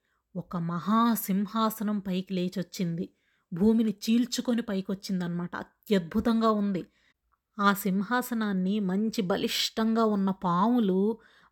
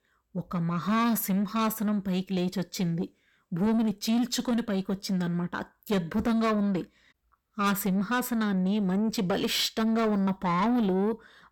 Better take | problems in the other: first | distortion; slight; 10 dB below the speech

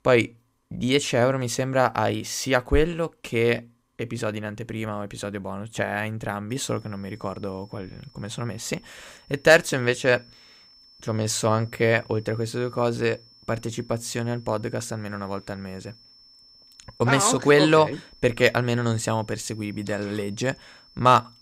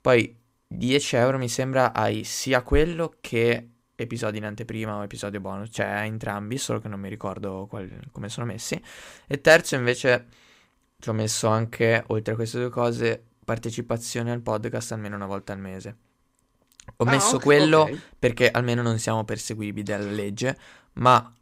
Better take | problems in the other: second | high-pitched whine; faint; from 6.5 s on; 5.5 kHz, 25 dB below the speech

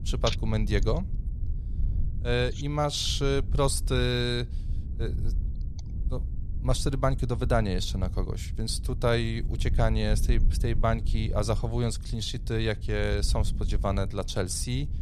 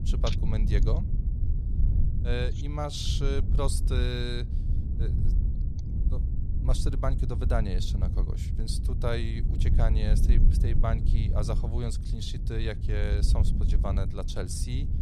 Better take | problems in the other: first | wind noise on the microphone; heavy; 8 dB below the speech; occasional gusts in the first

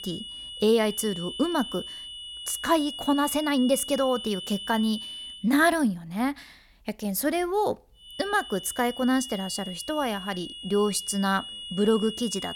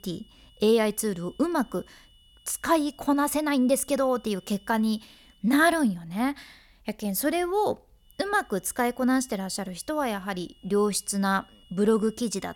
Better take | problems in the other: second | high-pitched whine; loud; until 5.5 s and from 8 s on; 3 kHz, 10 dB below the speech; faint in the second

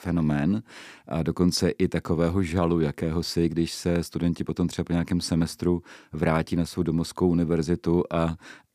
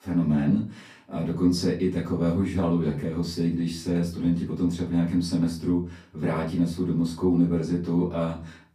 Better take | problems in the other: first | off-mic speech; far // room echo; slight; dies away in 0.3 s

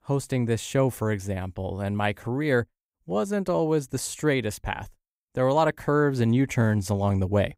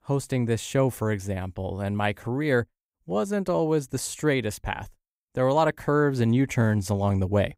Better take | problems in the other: neither | none

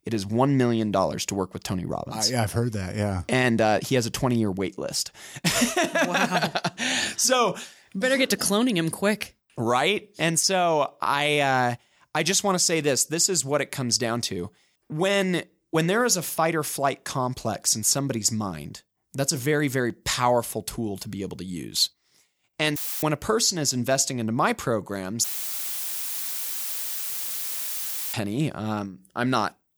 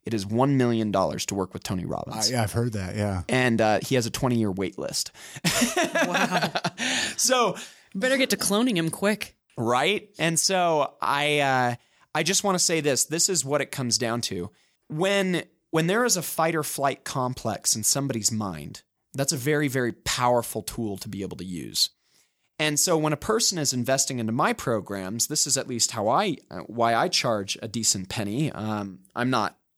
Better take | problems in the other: second | audio cutting out; filled with static; at 23 s and at 25 s for 3 s

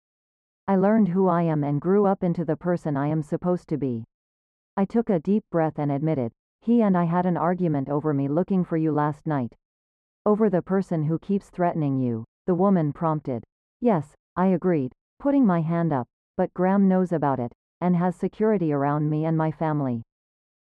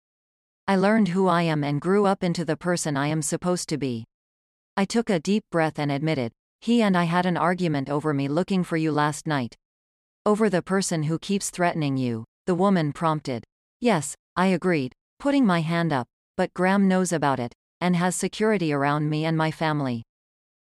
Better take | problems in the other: second | muffled; very; fading above 2 kHz

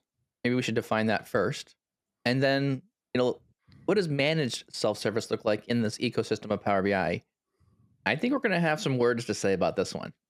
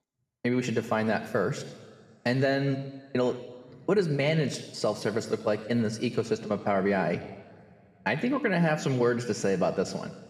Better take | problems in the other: first | room echo; slight; dies away in 1.5 s

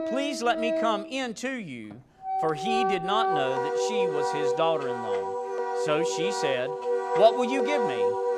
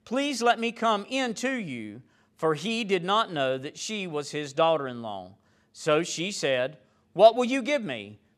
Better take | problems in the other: second | background music; very loud; throughout; as loud as the speech

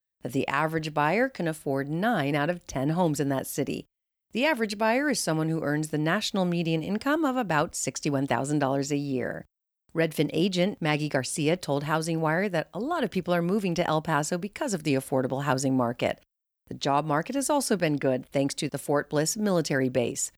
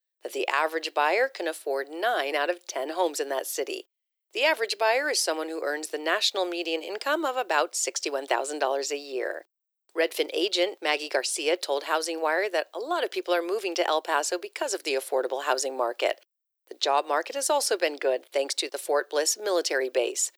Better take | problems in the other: first | thin; very; fading below 350 Hz

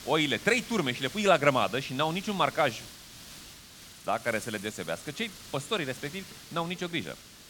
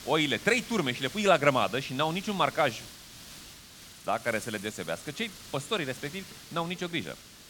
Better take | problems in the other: neither | hiss; noticeable; throughout; 15 dB below the speech; the same in both

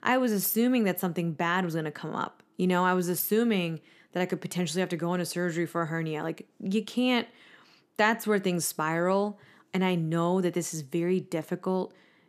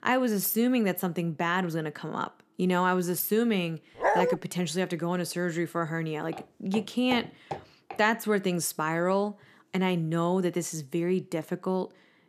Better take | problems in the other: first | dog barking; loud; at 4 s; peak 3 dB above the speech // footsteps; noticeable; from 6.5 to 8 s; peak 10 dB below the speech

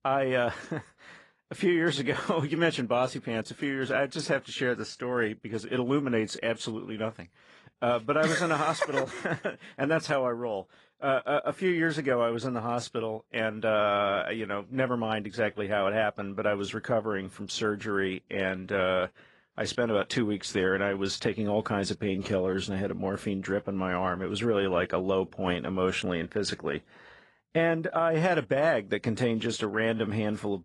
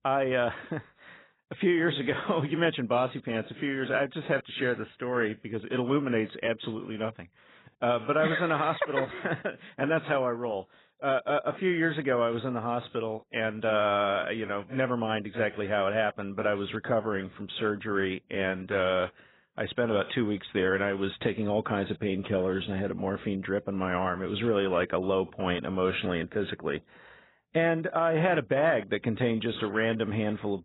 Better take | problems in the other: first | garbled, watery; badly; nothing above 4 kHz; slightly in the first

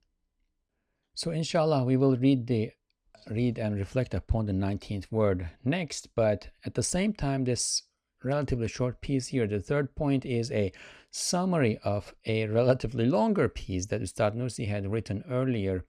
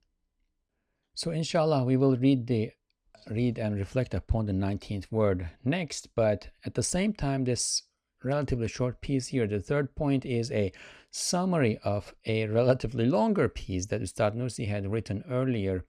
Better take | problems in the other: neither | none

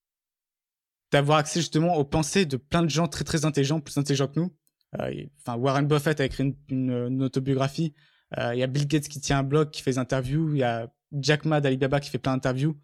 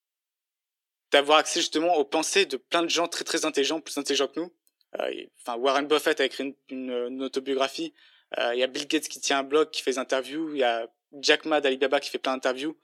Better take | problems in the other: first | thin; somewhat; fading below 300 Hz

